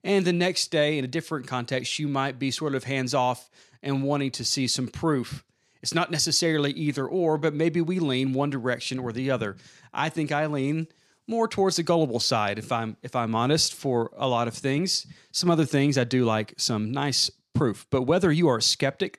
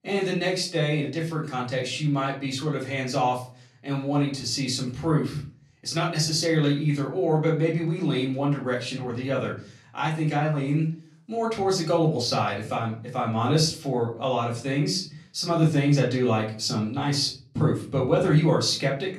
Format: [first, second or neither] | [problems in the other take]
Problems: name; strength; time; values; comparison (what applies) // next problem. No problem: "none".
first | off-mic speech; far // room echo; slight; dies away in 0.3 s